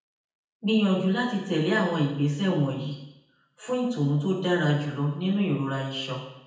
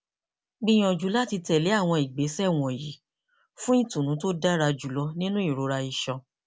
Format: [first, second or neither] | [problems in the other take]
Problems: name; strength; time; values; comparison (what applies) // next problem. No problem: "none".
second | room echo; dies away in 0.9 s